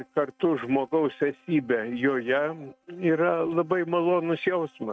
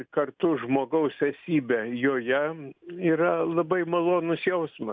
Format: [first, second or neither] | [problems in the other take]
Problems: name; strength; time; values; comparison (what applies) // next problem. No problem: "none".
second | noise reduction (neural mask model RNNoise)